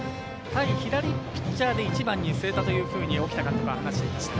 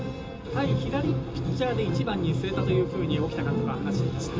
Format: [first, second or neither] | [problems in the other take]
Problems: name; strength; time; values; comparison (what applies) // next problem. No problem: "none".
first | background sound (Aircraft); 15 dB below the speech // room echo; dies away in 0.2 s